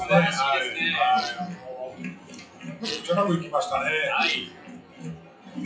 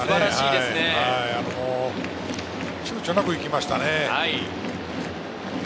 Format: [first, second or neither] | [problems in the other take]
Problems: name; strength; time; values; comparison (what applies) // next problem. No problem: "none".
second | noise reduction (classical method WPE with log-MMSE)